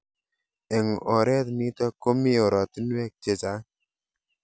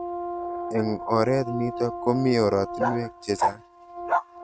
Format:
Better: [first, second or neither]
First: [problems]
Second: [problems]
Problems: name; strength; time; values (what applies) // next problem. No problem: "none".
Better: first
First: none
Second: noise reduction (neural mask model RNNoise)